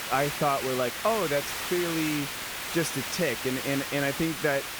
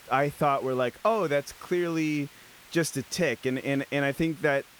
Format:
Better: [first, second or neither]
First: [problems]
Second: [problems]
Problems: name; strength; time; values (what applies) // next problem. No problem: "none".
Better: second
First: hiss; loud; throughout; 3 dB below the speech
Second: hiss; faint; throughout; 20 dB below the speech